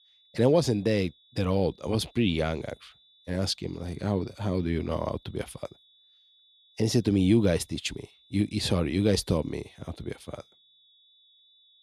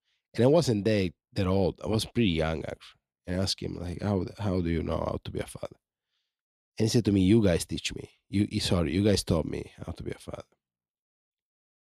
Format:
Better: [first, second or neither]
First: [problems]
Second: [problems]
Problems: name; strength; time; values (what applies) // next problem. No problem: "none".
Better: second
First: high-pitched whine; faint; throughout; 3.5 kHz, 30 dB below the speech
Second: none